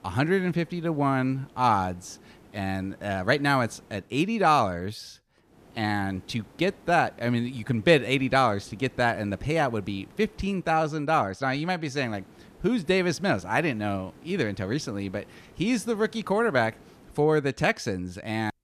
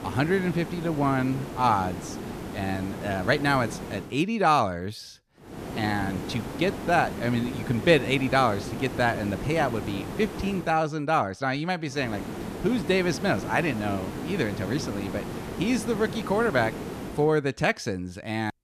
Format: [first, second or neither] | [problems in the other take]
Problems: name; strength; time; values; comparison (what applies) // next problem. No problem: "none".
first | hiss; loud; until 4 s, from 5.5 to 11 s and from 12 to 17 s; 9 dB below the speech; faint in the first